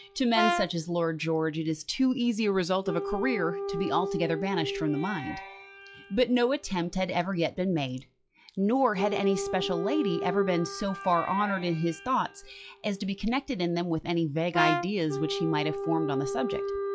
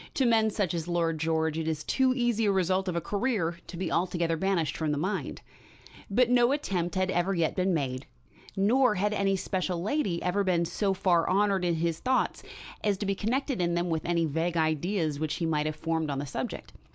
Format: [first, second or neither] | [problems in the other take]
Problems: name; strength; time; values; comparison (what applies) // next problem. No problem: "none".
second | noise reduction (classical method log-MMSE)